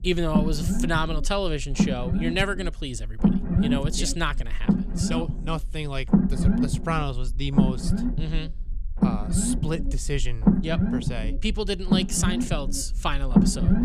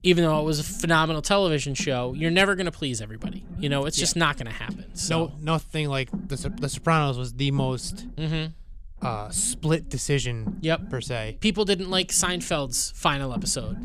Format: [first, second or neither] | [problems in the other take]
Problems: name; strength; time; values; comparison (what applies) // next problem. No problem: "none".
second | low rumble; loud; throughout; 2 dB below the speech; faint in the second